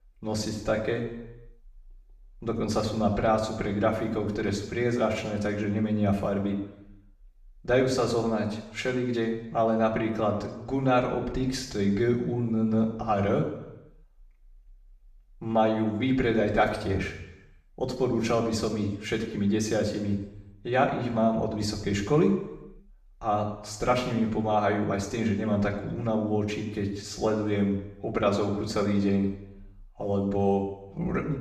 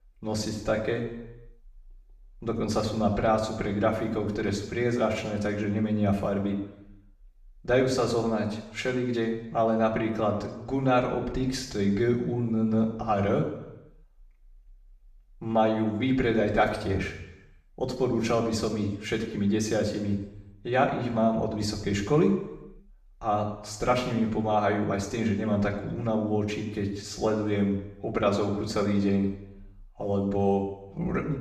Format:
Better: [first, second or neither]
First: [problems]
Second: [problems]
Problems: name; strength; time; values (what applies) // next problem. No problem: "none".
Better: neither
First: room echo; slight; dies away in 0.8 s // off-mic speech; far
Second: room echo; slight; dies away in 0.8 s // off-mic speech; far